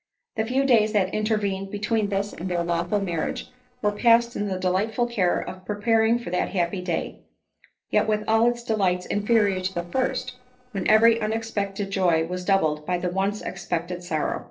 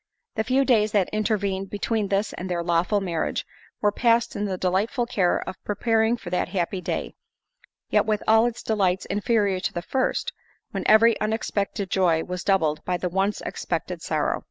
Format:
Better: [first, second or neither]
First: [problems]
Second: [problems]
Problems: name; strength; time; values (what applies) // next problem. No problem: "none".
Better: second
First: noise reduction (neural separator model SepFormer DNS4)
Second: none